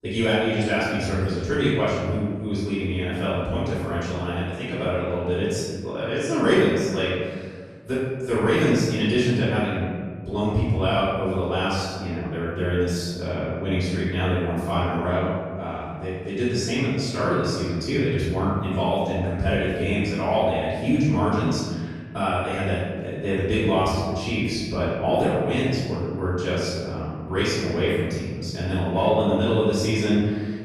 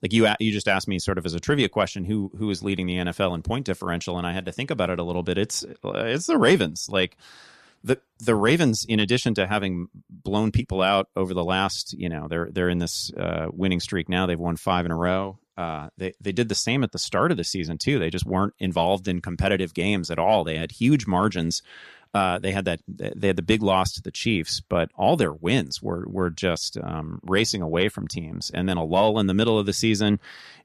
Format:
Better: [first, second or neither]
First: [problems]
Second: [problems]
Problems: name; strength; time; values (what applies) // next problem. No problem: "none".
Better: second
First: off-mic speech; far // room echo; strong; dies away in 1.8 s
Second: none